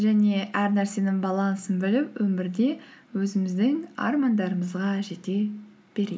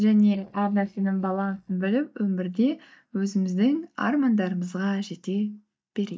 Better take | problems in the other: first | noise reduction (neural mask model DeepFilterNet 3)

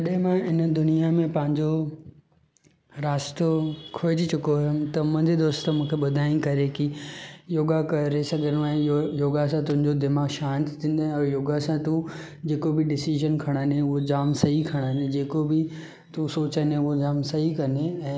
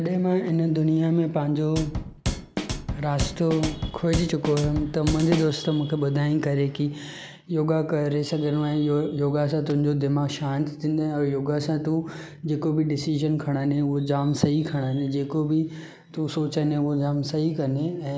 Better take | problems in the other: first | background sound (Drum kit); 5 dB below the speech

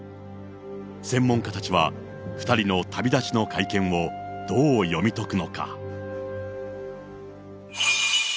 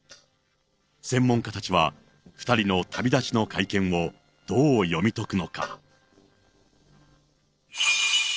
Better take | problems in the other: first | noise reduction (neural separator model SepFormer DNS4)

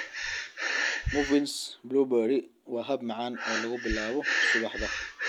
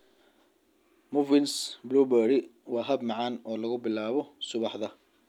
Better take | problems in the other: second | background sound (Breathing); 2 dB below the speech

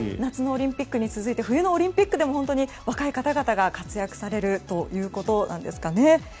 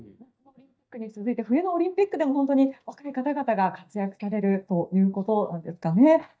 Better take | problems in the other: first | noise reduction (neural mask model DeepFilterNet 3)

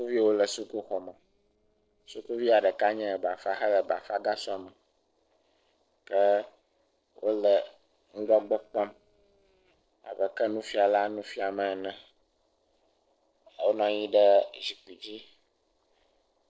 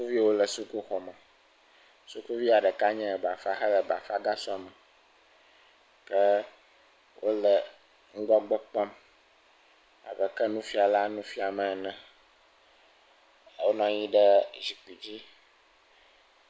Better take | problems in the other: second | noise reduction (neural separator model SepFormer DNS4)

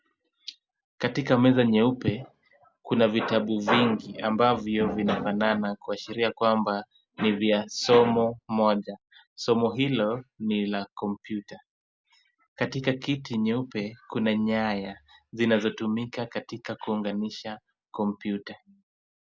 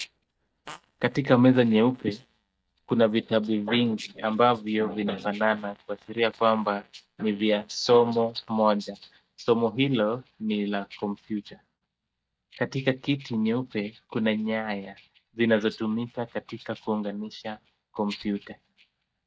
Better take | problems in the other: first | noise reduction (neural mask model DeepFilterNet 3)

